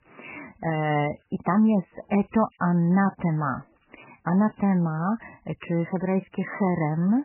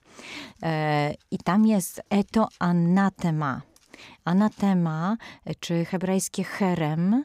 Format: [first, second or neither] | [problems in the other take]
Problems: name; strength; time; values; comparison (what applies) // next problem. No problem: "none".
second | garbled, watery; badly; nothing above 3 kHz